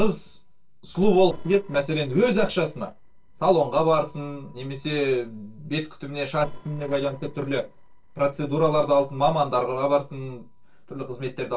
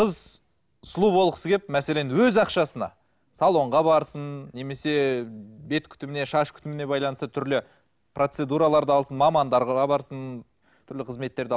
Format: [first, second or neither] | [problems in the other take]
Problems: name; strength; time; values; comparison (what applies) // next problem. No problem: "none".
second | noise reduction (neural separator model SepFormer DNS4)